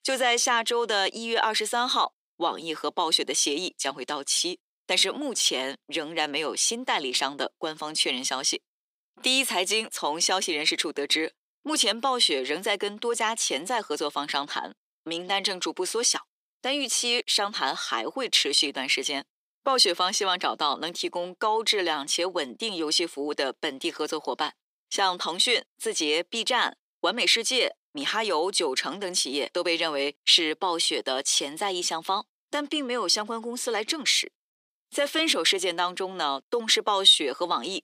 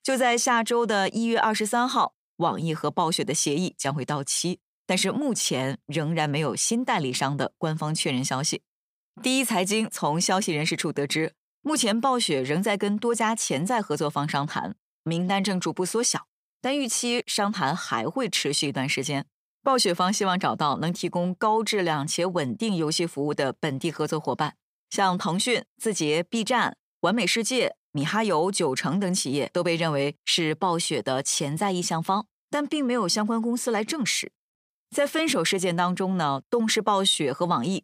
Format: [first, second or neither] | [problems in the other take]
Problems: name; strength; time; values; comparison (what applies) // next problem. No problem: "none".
second | thin; somewhat; fading below 300 Hz